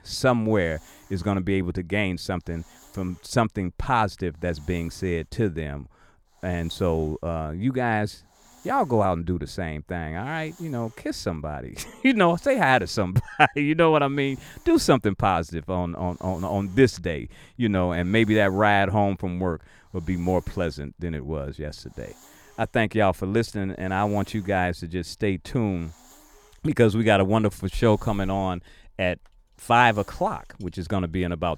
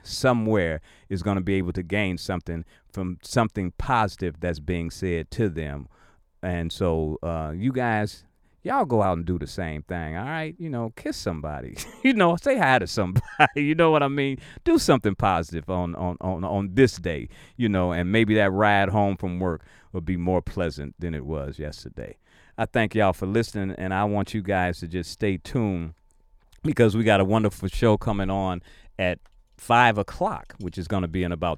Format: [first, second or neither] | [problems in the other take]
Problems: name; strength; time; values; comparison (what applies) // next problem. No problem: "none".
second | hiss; faint; throughout; 30 dB below the speech